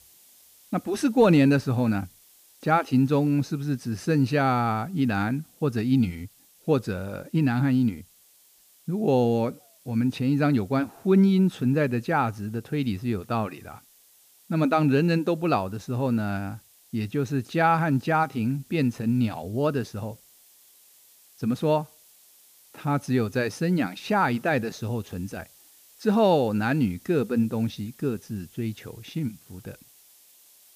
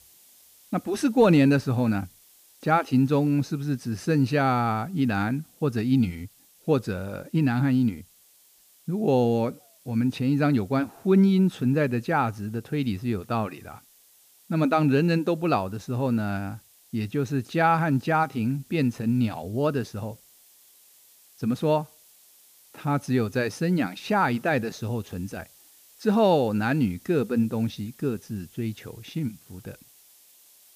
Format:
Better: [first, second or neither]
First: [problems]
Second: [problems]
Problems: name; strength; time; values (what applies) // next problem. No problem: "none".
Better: neither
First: hiss; faint; throughout; 30 dB below the speech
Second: hiss; faint; throughout; 30 dB below the speech